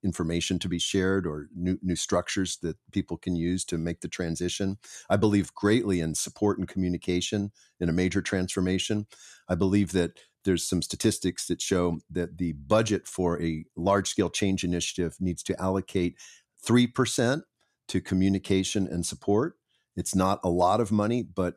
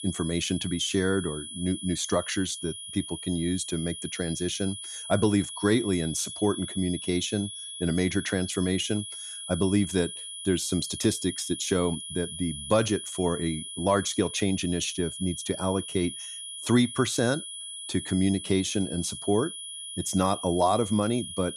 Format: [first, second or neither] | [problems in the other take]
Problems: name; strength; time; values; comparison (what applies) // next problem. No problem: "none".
first | high-pitched whine; loud; throughout; 3.5 kHz, 8 dB below the speech